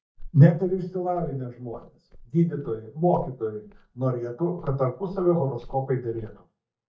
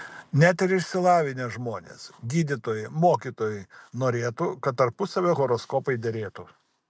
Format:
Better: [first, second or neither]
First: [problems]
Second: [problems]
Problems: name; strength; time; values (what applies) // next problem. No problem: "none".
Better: second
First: noise reduction (neural mask model DeepFilterNet 3)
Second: none